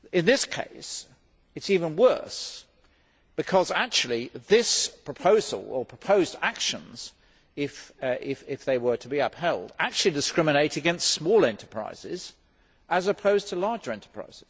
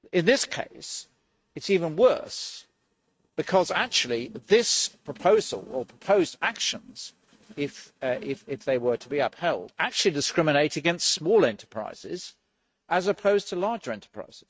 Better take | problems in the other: first | noise reduction (neural mask model RNNoise)

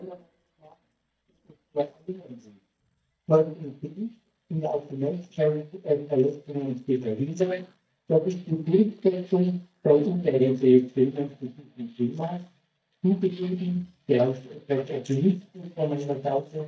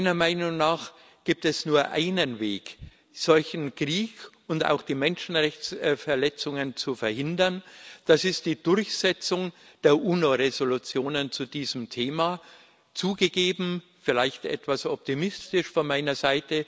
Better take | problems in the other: second | noise reduction (neural mask model DeepFilterNet 3)

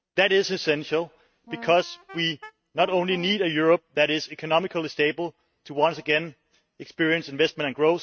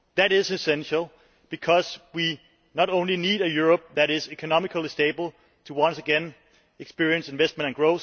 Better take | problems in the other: second | noise reduction (neural mask model RNNoise)

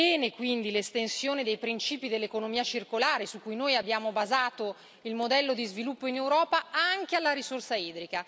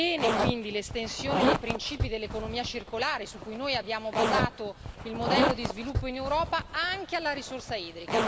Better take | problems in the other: first | background sound (Zipper (clothing)); 1 dB above the speech

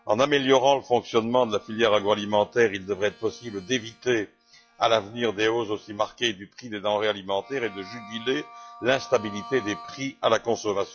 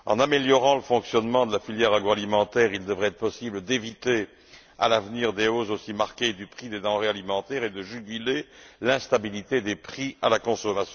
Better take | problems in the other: second | noise reduction (classical method log-MMSE)

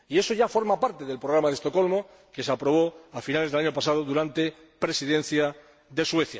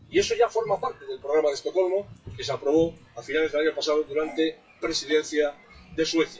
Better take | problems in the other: first | noise reduction (classical method WPE with log-MMSE)

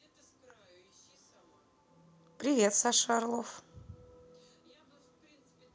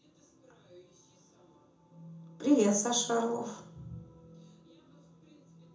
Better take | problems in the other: first | room echo; dies away in 0.7 s

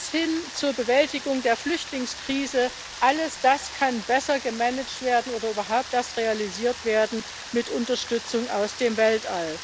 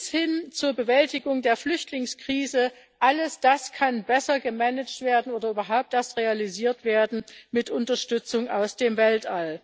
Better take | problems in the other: second | background sound (Rain); 13 dB below the speech

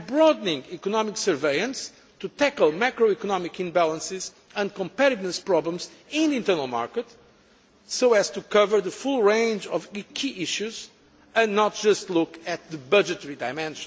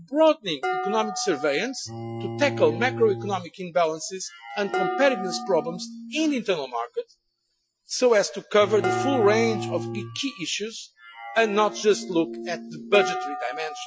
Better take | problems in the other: first | noise reduction (classical method Wiener filter)

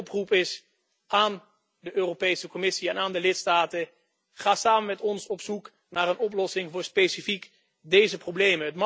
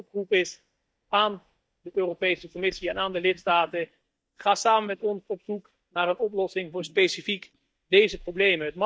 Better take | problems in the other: first | noise reduction (neural mask model DeepFilterNet 3)

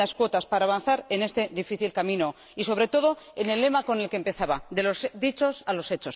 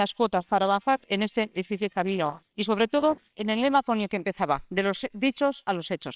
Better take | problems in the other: first | noise reduction (neural separator model SepFormer WHAMR!)

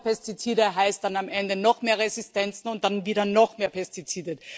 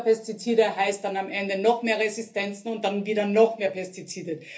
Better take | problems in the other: first | room echo; dies away in 0.3 s

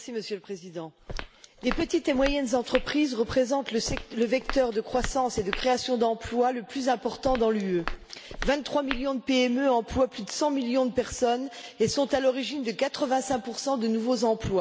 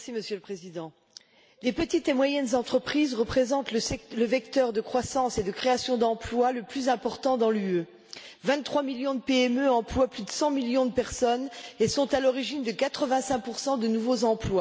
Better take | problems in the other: second | background sound (Walk, footsteps); 10 dB below the speech

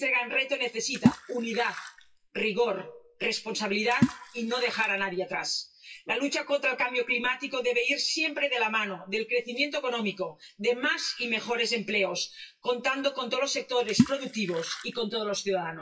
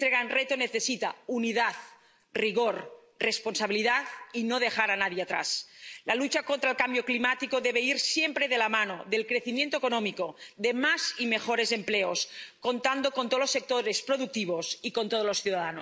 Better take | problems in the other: second | noise reduction (classical method WPE with log-MMSE)

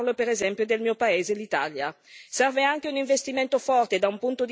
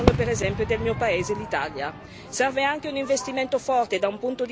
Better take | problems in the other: first | background sound (Crowd / Fireworks); 5 dB below the speech

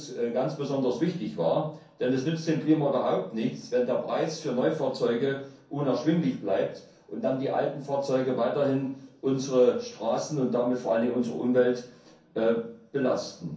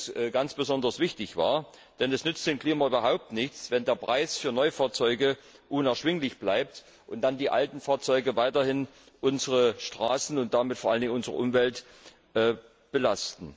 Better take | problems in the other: second | room echo; dies away in 0.6 s

